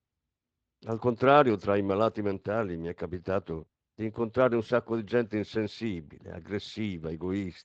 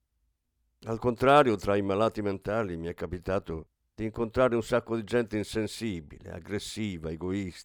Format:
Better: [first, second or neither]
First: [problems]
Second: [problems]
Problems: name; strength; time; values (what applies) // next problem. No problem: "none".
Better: second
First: garbled, watery; slightly; nothing above 8 kHz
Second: none